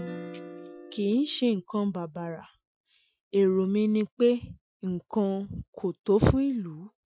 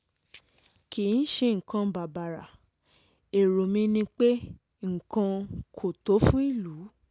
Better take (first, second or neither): second